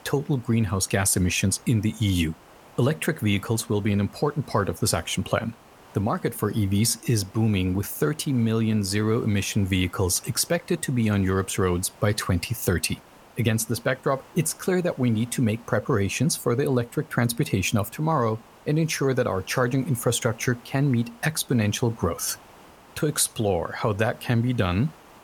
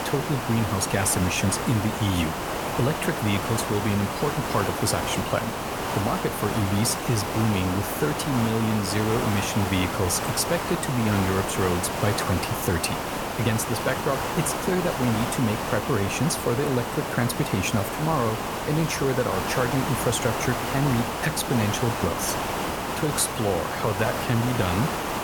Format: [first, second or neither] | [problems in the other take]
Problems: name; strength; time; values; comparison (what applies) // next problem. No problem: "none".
first | hiss; loud; throughout; 2 dB below the speech; faint in the first